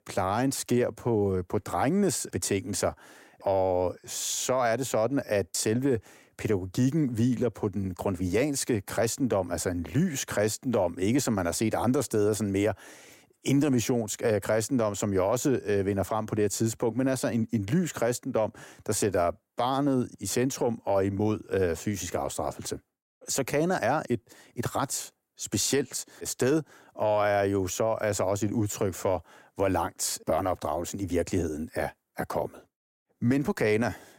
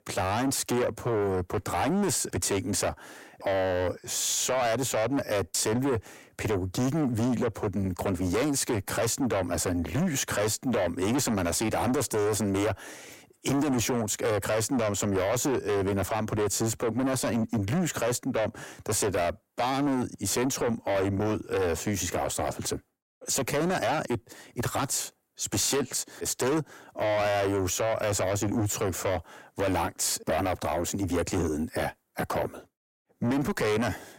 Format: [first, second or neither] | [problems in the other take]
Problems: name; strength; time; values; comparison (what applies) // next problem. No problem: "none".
first | distortion; heavy; 7 dB below the speech